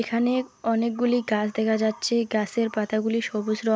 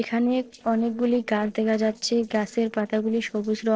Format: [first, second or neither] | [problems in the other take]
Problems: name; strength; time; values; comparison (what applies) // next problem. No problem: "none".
first | noise reduction (neural separator model SepFormer DNS4)